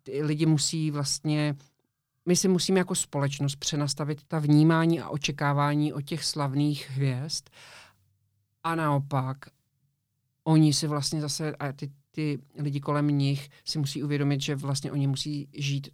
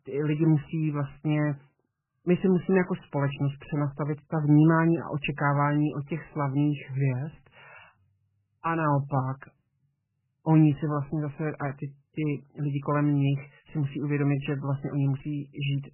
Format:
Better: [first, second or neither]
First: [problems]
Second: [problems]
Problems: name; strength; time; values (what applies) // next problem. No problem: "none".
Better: first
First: none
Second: garbled, watery; badly; nothing above 3 kHz